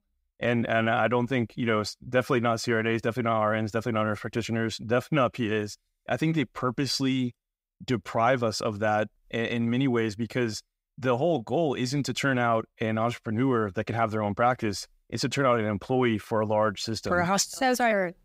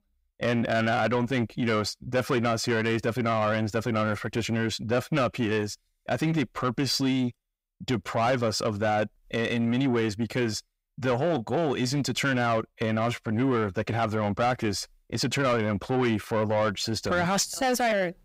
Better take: first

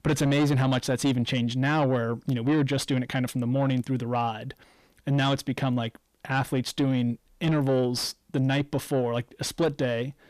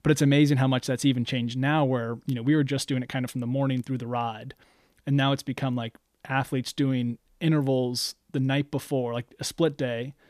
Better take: second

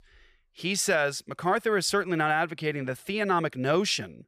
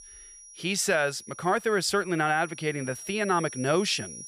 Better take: first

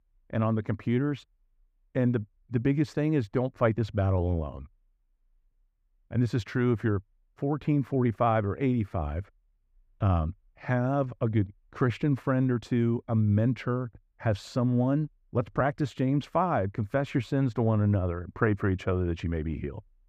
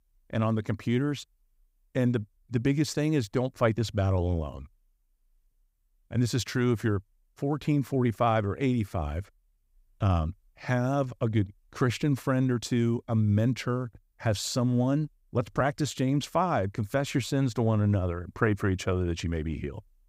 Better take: second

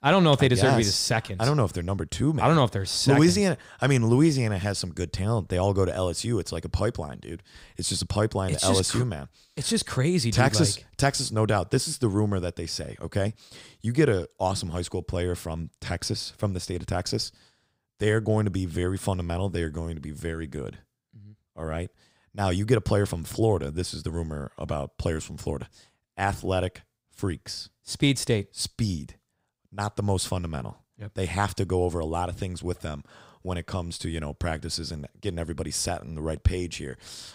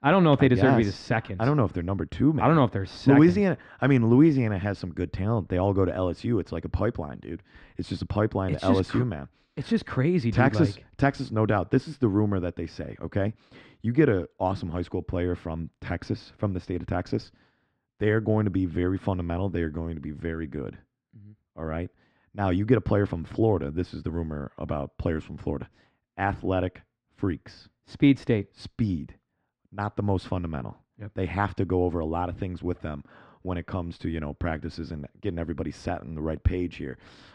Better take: first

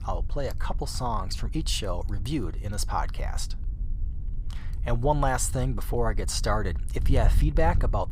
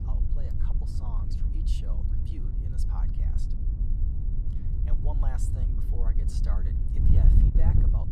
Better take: first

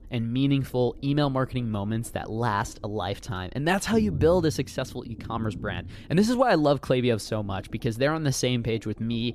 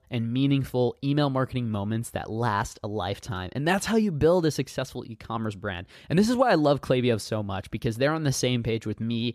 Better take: second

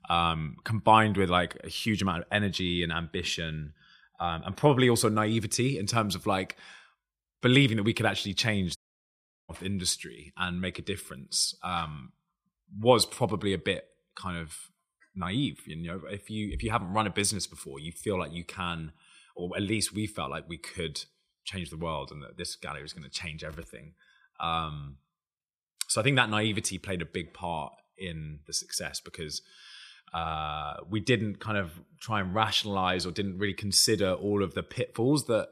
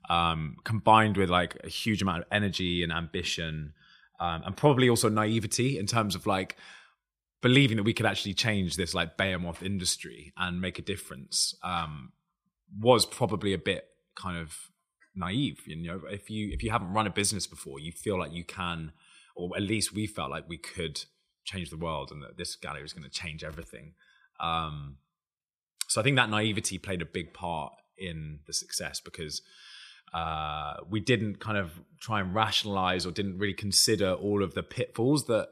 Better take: second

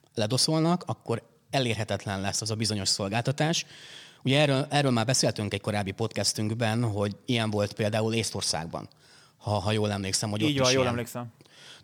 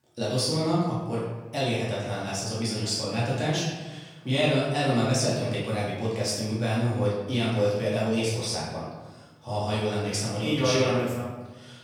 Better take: first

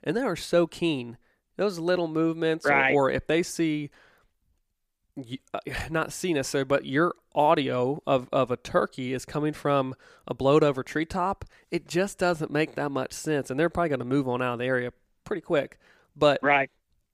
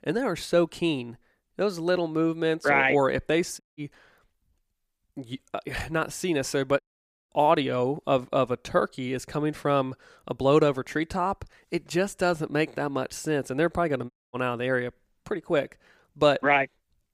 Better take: first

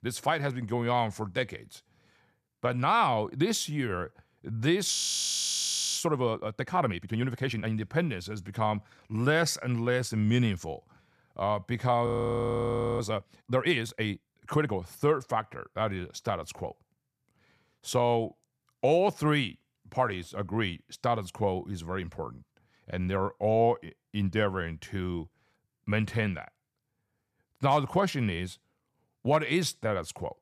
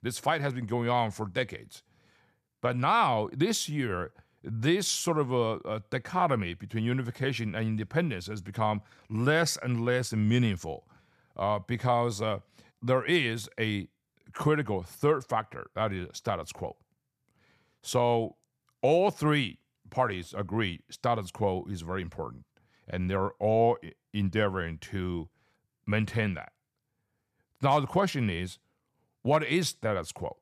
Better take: second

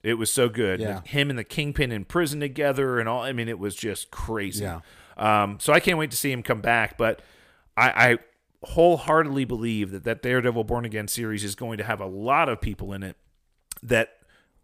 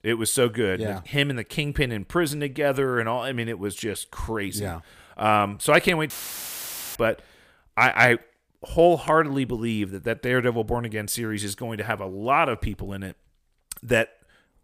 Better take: first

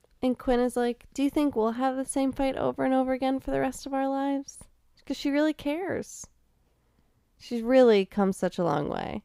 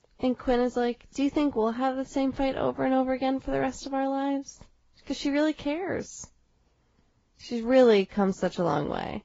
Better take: first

